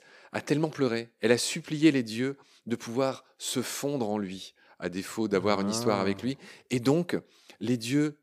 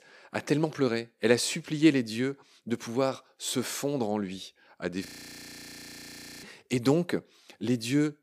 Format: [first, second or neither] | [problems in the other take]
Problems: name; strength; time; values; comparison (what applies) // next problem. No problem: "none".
first | audio freezing; at 5 s for 1.5 s